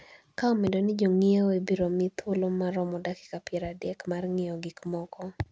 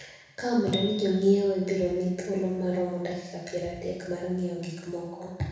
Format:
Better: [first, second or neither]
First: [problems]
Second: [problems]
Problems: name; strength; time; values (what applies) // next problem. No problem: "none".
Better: first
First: none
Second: background sound (Bicycle bell); 15 dB below the speech // room echo; dies away in 1 s